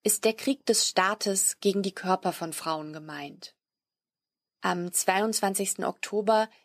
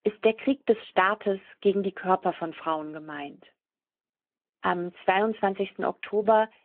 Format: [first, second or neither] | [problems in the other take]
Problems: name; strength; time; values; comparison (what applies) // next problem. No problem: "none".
first | phone-call audio